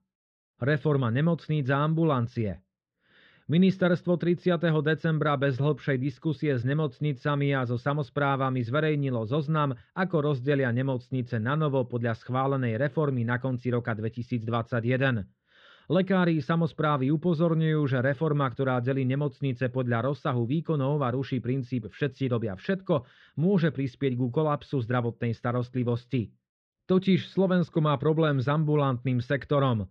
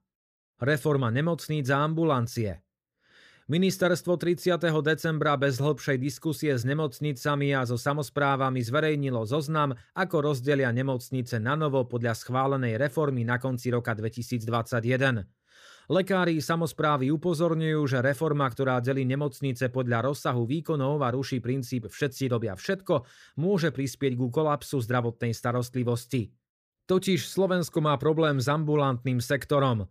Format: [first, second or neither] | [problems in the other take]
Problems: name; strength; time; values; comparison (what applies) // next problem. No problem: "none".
second | muffled; slightly; fading above 3.5 kHz